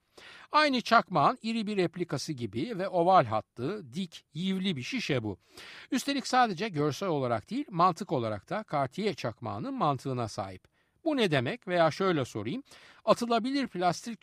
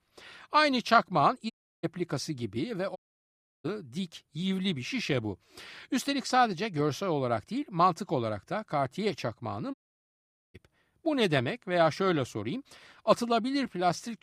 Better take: first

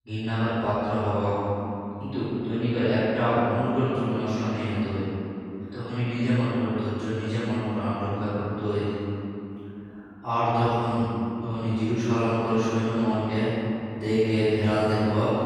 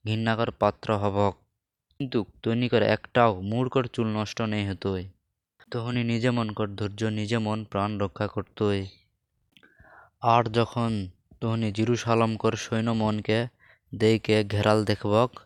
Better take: second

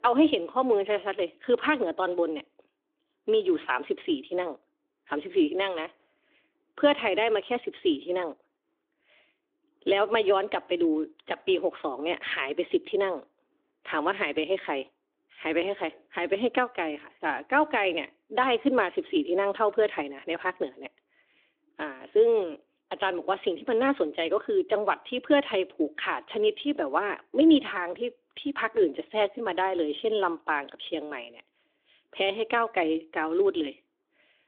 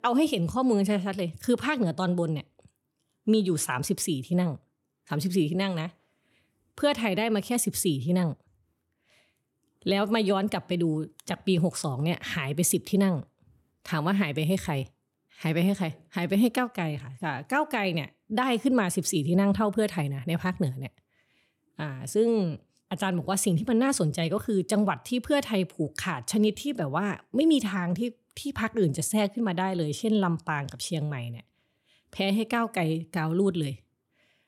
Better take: second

